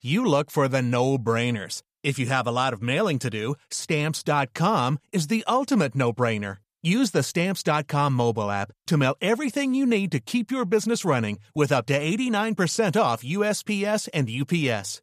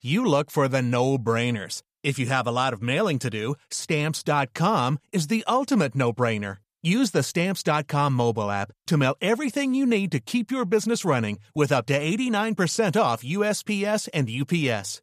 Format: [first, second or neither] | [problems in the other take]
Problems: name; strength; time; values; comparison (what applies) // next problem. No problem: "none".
neither | none